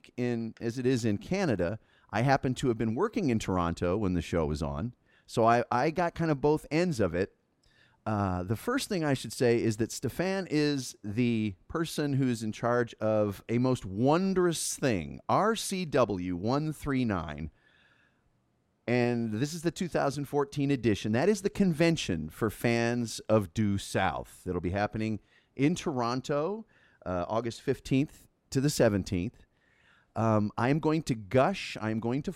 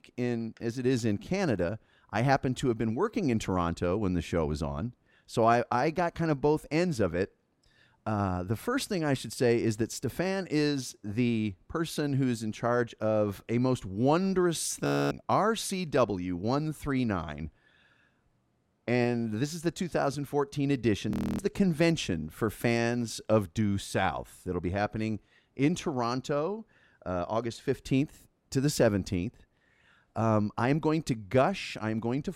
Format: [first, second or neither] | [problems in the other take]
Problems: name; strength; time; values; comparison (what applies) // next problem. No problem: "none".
first | audio freezing; at 15 s and at 21 s